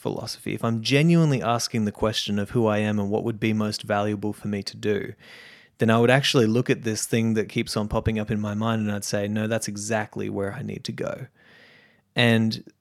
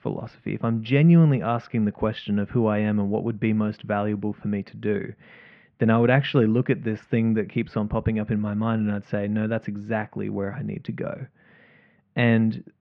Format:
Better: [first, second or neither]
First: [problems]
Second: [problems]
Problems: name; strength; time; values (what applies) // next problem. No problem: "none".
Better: first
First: none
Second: muffled; very; fading above 2.5 kHz